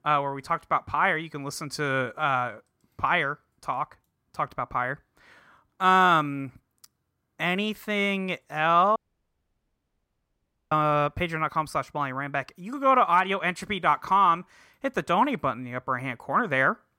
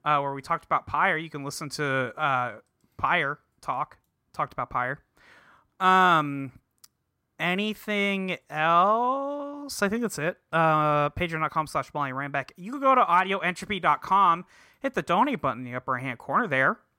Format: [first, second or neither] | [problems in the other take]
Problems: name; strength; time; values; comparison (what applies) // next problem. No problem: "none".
second | audio cutting out; at 9 s for 2 s